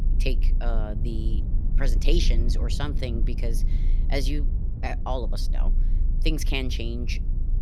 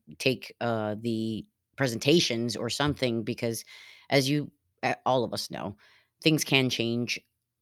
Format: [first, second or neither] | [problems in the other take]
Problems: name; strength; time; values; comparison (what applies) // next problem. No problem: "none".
second | low rumble; noticeable; throughout; 10 dB below the speech